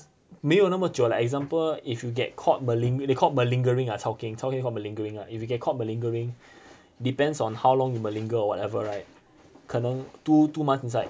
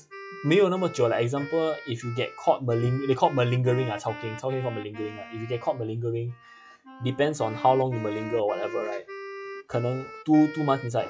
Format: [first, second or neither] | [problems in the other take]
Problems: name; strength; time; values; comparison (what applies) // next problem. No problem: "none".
first | noise reduction (classical method log-MMSE)